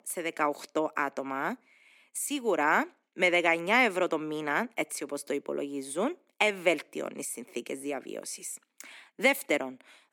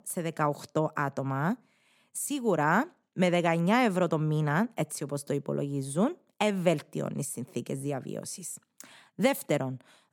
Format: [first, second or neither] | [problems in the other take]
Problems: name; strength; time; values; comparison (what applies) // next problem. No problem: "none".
second | thin; somewhat; fading below 300 Hz